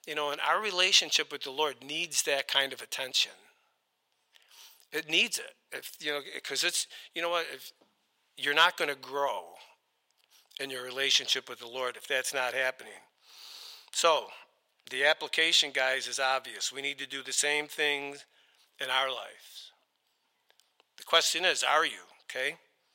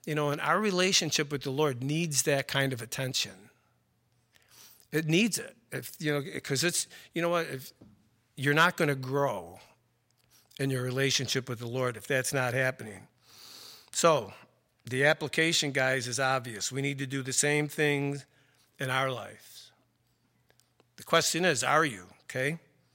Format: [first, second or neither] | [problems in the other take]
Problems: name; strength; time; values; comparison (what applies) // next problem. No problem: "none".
second | thin; very; fading below 550 Hz